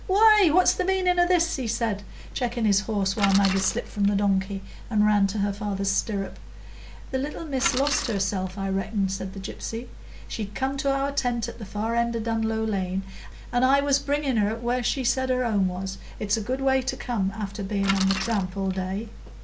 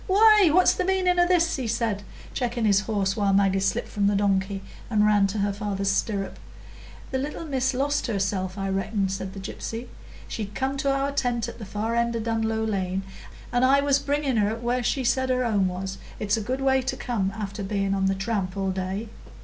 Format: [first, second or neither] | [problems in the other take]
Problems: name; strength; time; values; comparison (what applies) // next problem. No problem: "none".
second | background sound (Bicycle); 9 dB below the speech